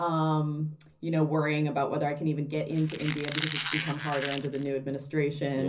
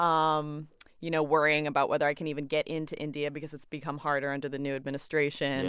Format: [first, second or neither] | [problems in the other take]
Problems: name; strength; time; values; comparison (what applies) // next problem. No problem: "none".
second | background sound (Squeak); 7 dB below the speech // room echo; dies away in 0.4 s